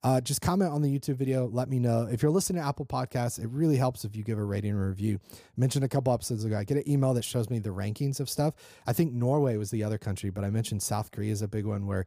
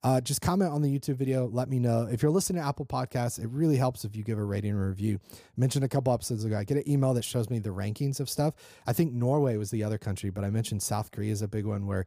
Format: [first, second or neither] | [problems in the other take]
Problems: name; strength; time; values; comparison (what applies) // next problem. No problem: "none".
neither | none